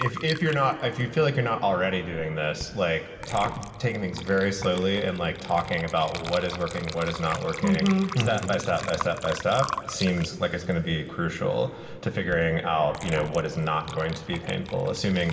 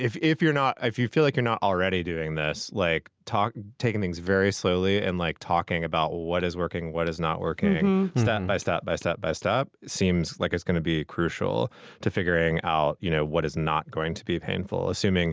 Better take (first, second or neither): second